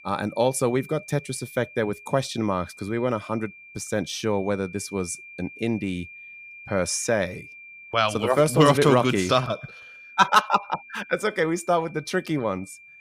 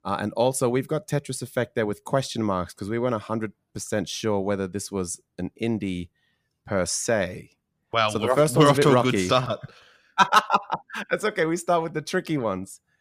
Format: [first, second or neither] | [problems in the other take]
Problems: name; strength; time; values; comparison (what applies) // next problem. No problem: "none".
second | high-pitched whine; noticeable; throughout; 2.5 kHz, 20 dB below the speech